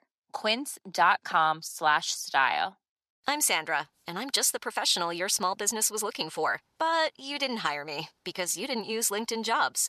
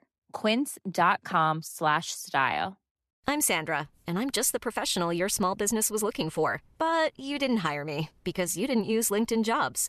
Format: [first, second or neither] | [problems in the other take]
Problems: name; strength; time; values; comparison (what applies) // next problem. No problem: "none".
second | thin; somewhat; fading below 1 kHz